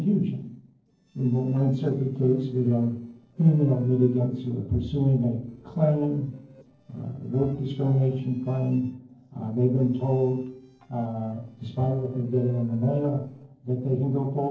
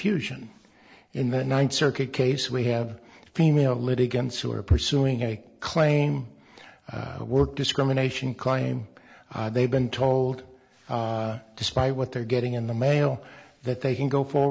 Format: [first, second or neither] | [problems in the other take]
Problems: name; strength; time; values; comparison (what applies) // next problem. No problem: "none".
second | noise reduction (neural separator model SepFormer DNS4)